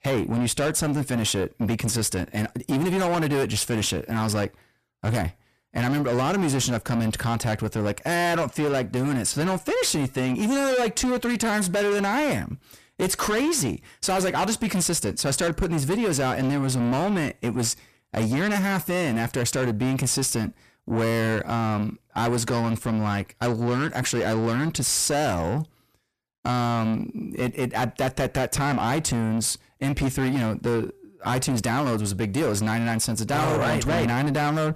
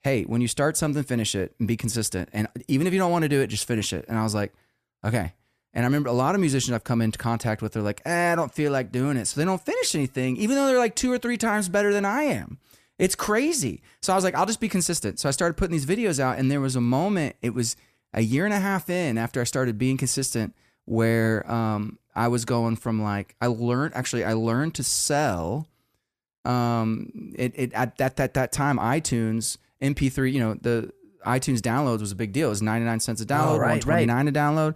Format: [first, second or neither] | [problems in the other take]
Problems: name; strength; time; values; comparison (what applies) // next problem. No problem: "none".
second | distortion; heavy; 7 dB below the speech